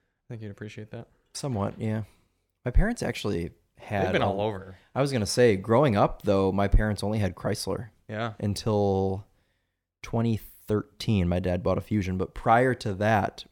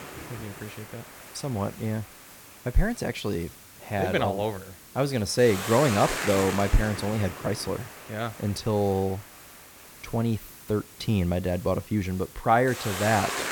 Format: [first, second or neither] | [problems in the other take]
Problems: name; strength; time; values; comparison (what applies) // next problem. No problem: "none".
first | hiss; noticeable; throughout; 10 dB below the speech